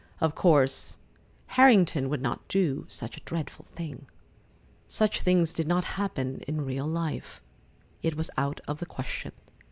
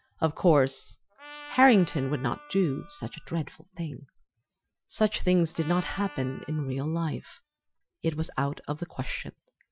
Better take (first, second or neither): first